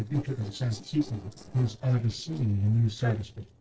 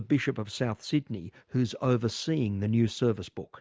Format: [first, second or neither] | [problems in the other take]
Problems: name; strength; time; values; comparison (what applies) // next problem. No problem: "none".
second | noise reduction (neural separator model SepFormer DNS4)